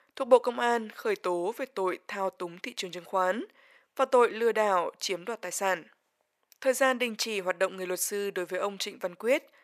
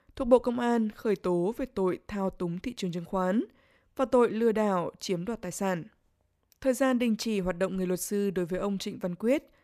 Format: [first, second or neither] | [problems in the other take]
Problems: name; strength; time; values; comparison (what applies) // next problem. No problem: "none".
second | thin; somewhat; fading below 550 Hz